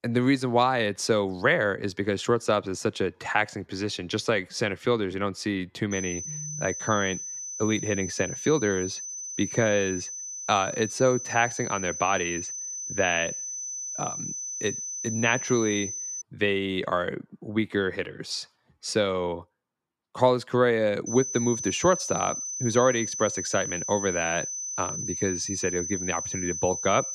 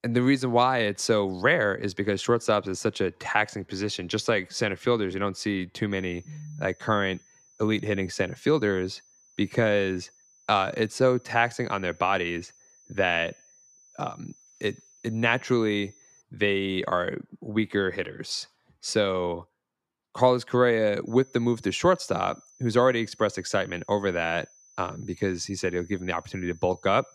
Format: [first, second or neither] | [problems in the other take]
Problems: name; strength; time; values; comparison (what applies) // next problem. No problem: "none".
second | high-pitched whine; loud; from 6 to 16 s and from 21 s on; 6 kHz, 5 dB below the speech; faint in the second